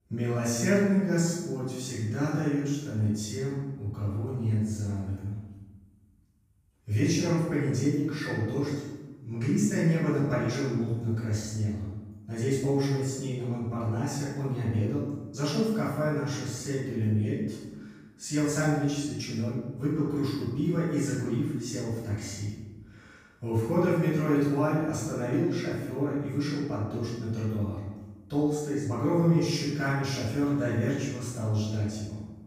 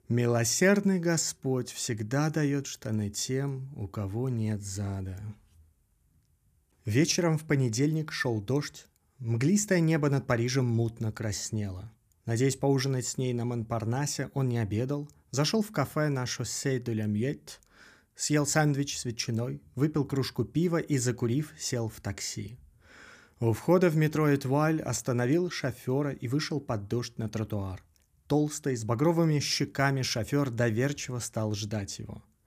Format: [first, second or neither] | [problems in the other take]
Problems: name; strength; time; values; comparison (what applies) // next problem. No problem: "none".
second | room echo; strong; dies away in 1.1 s // off-mic speech; far